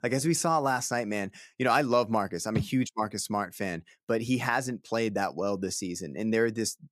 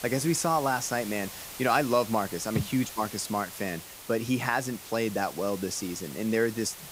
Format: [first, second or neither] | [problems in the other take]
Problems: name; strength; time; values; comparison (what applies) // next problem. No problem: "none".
first | hiss; noticeable; throughout; 10 dB below the speech